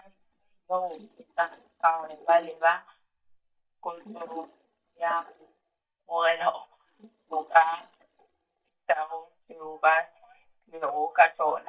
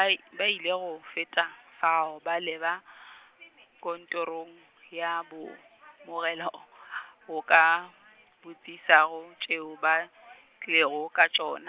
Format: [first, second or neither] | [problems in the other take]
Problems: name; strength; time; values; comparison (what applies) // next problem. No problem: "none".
second | noise reduction (neural mask model DeepFilterNet 3)